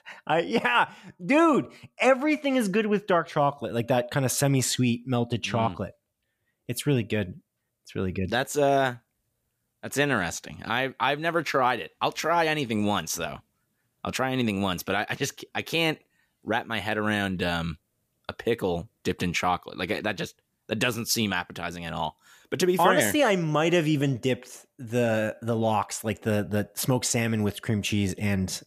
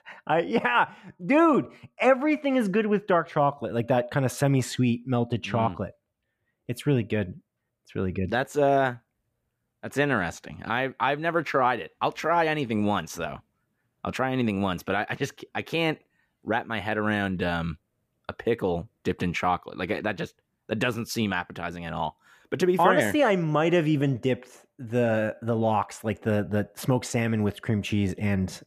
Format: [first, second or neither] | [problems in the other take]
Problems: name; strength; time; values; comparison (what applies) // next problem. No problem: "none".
first | muffled; slightly; fading above 3 kHz